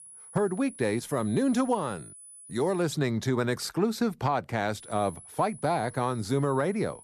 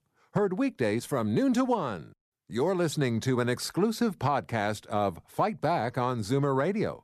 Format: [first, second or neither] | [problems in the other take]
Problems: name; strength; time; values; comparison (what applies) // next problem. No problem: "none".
second | high-pitched whine; noticeable; until 3 s and from 5 s on; 10 kHz, 15 dB below the speech